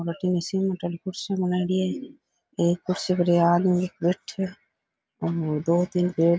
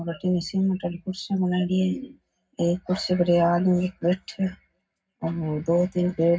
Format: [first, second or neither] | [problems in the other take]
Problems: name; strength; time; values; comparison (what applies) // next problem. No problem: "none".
first | room echo; dies away in 0.4 s